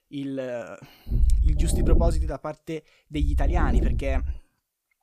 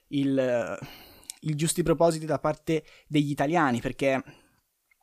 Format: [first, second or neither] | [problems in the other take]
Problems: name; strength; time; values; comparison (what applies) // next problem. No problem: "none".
second | low rumble; loud; from 1 to 2.5 s and from 3 to 4.5 s; 6 dB below the speech